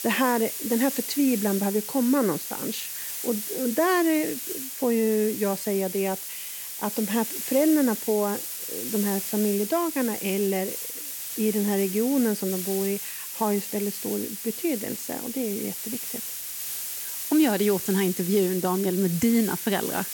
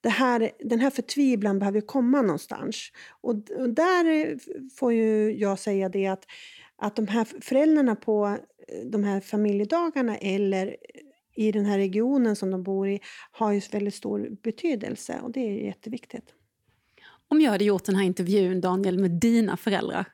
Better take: second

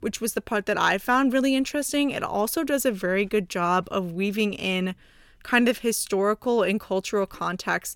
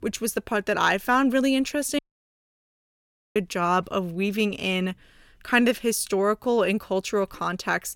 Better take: first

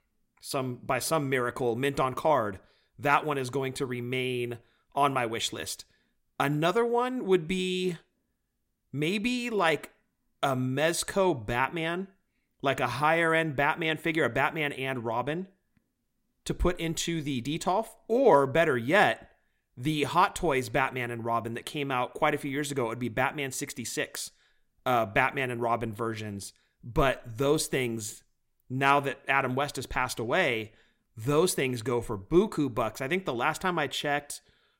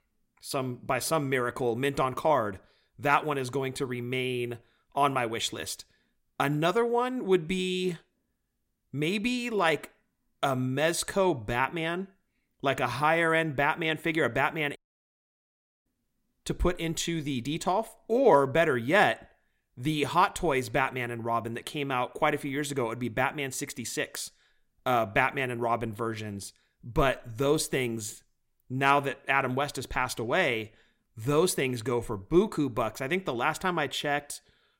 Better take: first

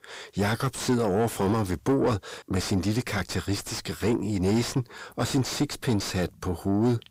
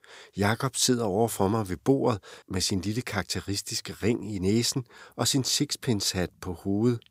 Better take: second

